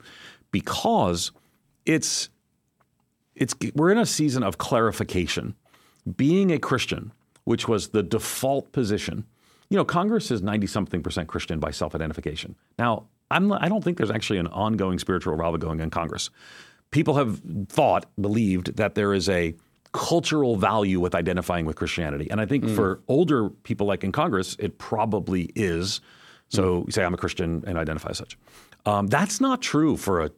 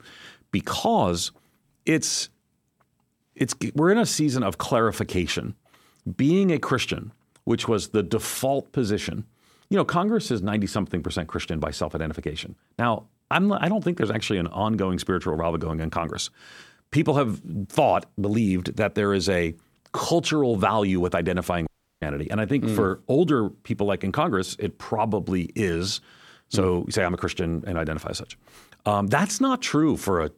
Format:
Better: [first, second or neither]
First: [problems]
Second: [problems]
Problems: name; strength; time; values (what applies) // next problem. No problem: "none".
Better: first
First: none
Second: audio cutting out; at 22 s